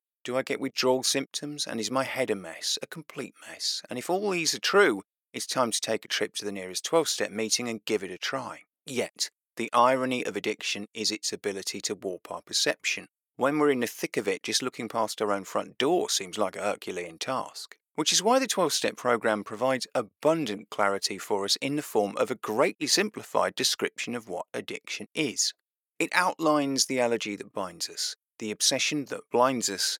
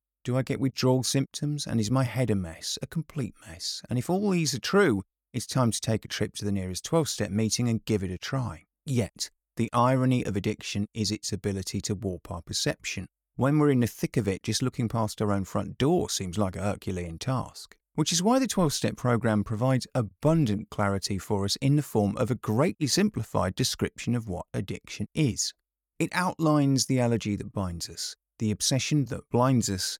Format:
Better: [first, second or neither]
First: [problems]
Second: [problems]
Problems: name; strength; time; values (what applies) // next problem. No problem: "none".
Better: second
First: thin; somewhat; fading below 450 Hz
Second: none